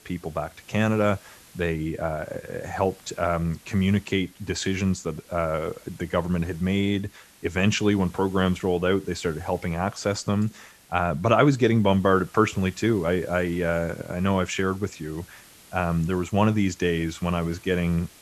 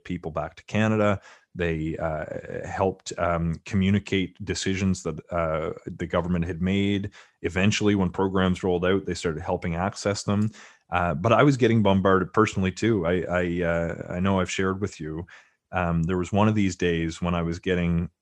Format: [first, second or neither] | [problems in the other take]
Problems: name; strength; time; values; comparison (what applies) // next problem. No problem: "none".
second | hiss; faint; throughout; 25 dB below the speech